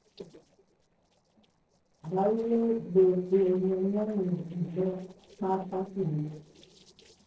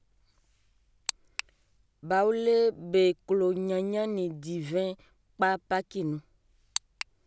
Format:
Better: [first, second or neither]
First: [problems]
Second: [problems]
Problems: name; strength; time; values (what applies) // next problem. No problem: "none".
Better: second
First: noise reduction (neural separator model SepFormer DNS4)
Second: none